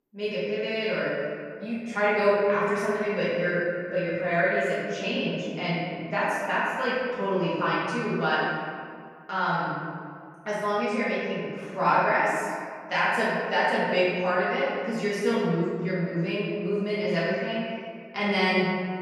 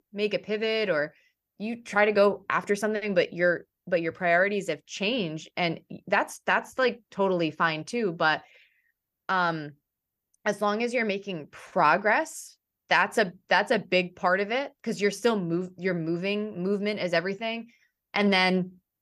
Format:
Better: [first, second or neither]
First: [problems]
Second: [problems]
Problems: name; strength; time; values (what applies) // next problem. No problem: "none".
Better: second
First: room echo; strong; dies away in 1.9 s // off-mic speech; far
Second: none